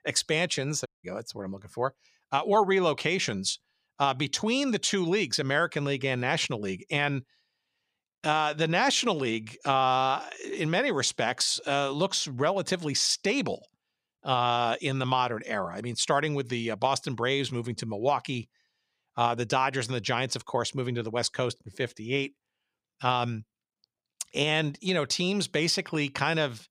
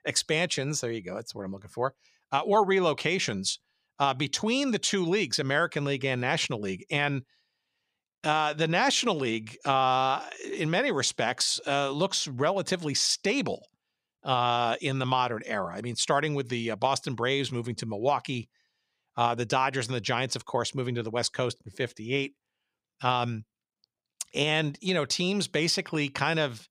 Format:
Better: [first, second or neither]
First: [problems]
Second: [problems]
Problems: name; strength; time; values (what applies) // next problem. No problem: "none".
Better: second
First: audio cutting out; at 1 s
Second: none